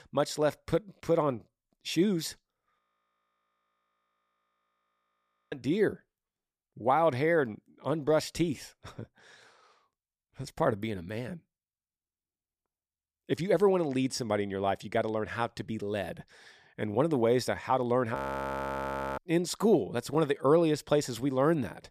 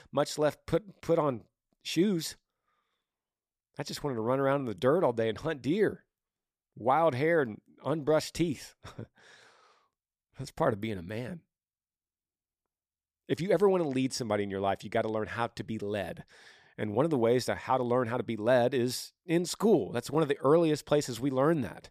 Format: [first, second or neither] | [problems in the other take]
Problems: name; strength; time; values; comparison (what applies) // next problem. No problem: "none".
second | audio freezing; at 3 s for 2.5 s and at 18 s for 1 s